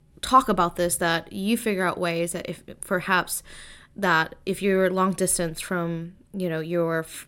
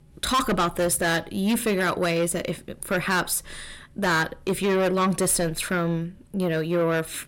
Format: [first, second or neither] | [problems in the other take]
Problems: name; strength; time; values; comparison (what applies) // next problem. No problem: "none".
first | distortion; heavy; 6 dB below the speech